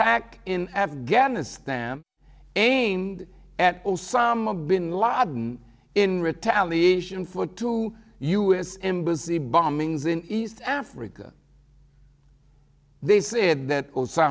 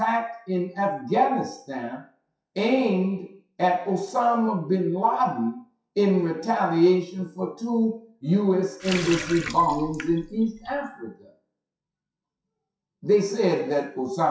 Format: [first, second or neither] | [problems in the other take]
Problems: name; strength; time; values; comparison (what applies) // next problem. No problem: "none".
first | noise reduction (classical method WPE with log-MMSE)